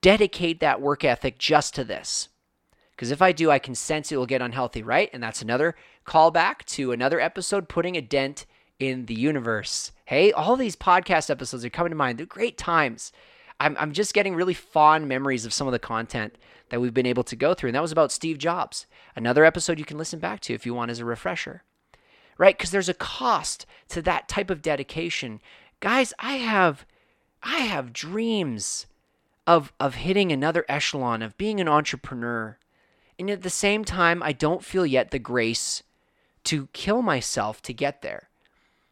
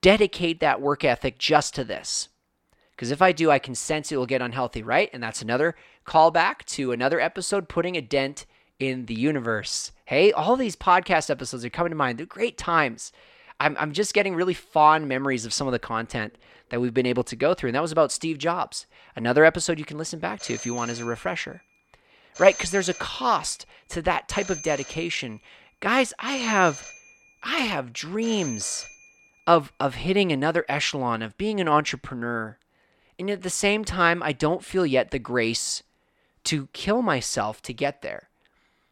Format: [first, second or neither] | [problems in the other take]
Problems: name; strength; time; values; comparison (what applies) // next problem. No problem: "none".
first | phone ringing; faint; from 20 to 29 s; peak 10 dB below the speech